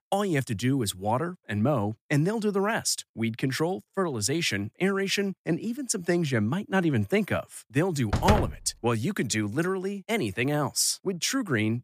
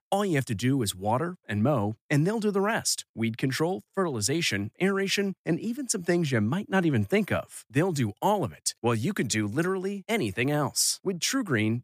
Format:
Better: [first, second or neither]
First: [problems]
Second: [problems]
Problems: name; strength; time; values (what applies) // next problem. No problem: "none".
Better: second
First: door banging; loud; at 8 s; peak 2 dB above the speech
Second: none